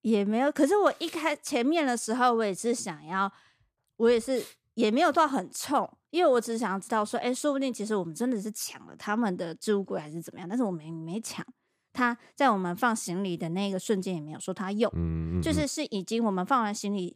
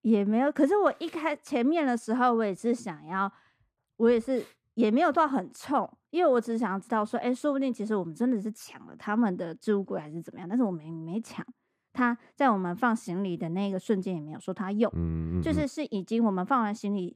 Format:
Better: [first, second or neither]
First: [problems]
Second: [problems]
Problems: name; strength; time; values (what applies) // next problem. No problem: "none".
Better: first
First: none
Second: muffled; slightly; fading above 3 kHz